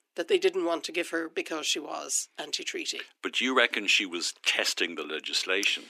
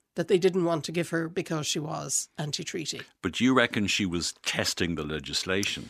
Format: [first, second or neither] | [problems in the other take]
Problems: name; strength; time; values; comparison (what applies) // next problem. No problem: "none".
second | thin; somewhat; fading below 300 Hz